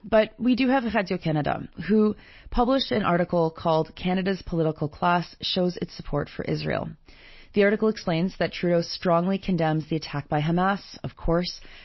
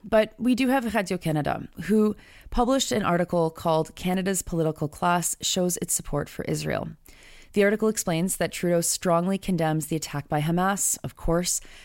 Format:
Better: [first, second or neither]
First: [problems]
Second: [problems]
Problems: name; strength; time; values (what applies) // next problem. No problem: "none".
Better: second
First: garbled, watery; slightly; nothing above 5.5 kHz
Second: none